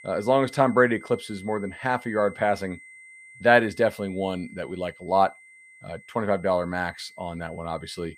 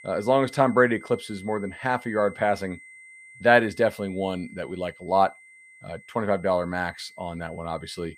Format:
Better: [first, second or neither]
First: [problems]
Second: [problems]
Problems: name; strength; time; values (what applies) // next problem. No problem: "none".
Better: neither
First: high-pitched whine; faint; throughout; 2 kHz, 20 dB below the speech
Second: high-pitched whine; faint; throughout; 2 kHz, 20 dB below the speech